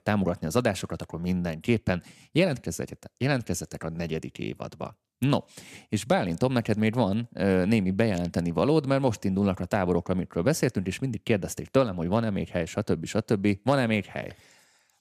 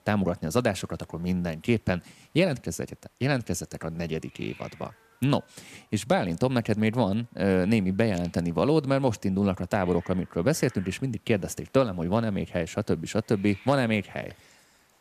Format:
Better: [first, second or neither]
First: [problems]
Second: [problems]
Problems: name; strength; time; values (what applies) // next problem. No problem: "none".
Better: first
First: none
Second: hiss; faint; throughout; 30 dB below the speech